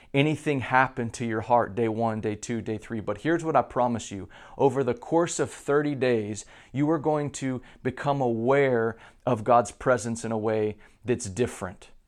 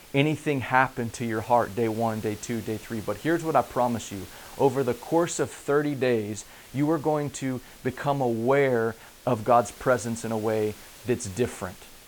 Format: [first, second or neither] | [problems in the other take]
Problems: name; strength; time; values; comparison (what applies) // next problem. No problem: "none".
first | hiss; noticeable; throughout; 20 dB below the speech